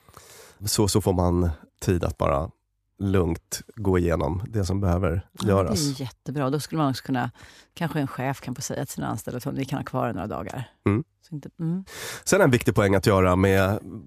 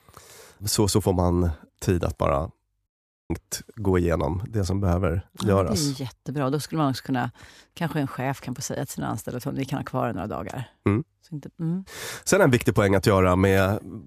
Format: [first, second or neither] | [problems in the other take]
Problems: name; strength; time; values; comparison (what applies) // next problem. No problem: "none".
first | audio cutting out; at 3 s